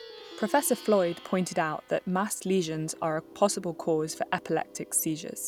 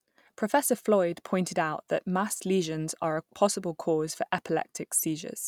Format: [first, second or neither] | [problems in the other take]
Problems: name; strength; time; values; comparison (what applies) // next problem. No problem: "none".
second | background sound (Plucked string instrument); 19 dB below the speech